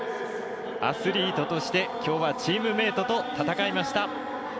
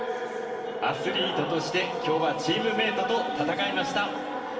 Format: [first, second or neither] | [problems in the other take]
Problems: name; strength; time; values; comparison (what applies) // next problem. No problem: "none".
first | room echo; dies away in 2.2 s